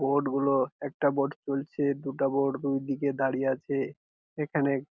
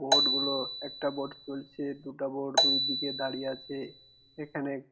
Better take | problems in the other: first | background sound (Marimba, xylophone); 4 dB above the speech // room echo; dies away in 0.4 s

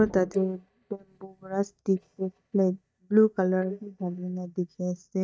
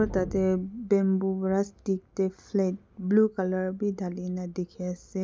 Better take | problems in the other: second | noise reduction (neural mask model DeepFilterNet 3)

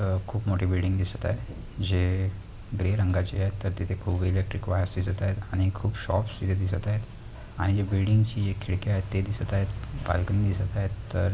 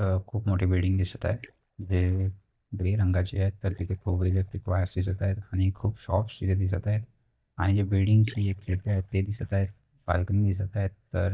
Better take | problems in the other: first | noise reduction (neural mask model DeepFilterNet 3)

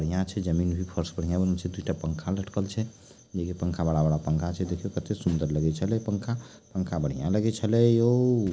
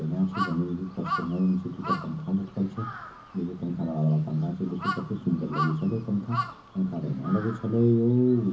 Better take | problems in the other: first | background sound (Crow); 10 dB below the speech // room echo; dies away in 0.3 s

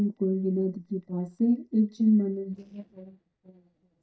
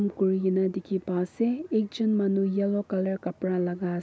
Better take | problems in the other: second | noise reduction (neural mask model DeepFilterNet 3)

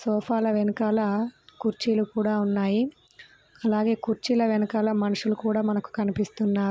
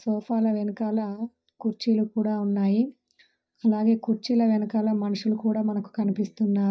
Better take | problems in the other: first | noise reduction (neural mask model DeepFilterNet 3)

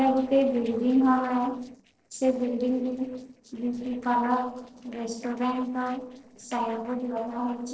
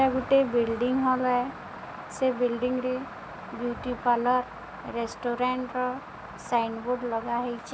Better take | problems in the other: second | noise reduction (neural separator model SepFormer DNS4)

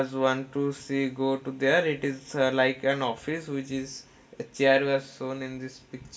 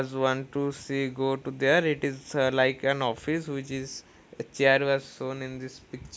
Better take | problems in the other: second | room echo; dies away in 0.7 s

